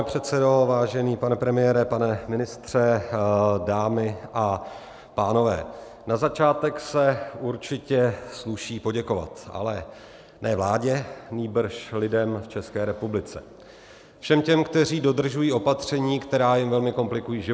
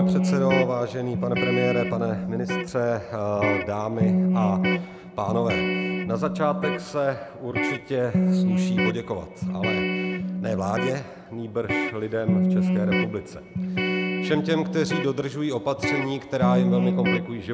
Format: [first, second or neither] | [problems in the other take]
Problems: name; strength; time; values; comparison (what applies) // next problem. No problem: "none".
first | background sound (Electric guitar); 2 dB above the speech